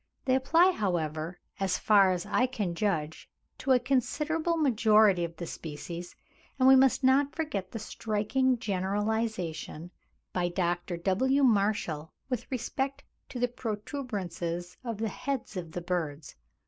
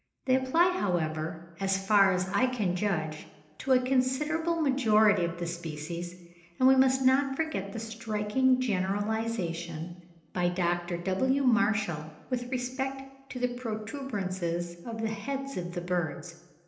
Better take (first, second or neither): first